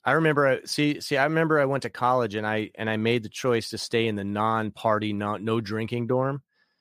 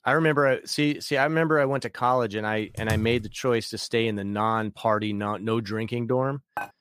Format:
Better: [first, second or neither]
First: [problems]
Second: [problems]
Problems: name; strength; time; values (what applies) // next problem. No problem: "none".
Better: first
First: none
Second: keyboard typing; noticeable; at 3 s; peak 7 dB below the speech // clattering dishes; faint; at 6.5 s; peak 10 dB below the speech